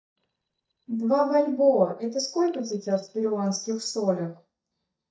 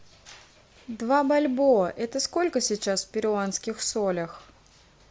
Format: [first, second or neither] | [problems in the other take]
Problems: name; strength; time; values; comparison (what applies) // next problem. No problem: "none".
second | noise reduction (neural mask model DeepFilterNet 3)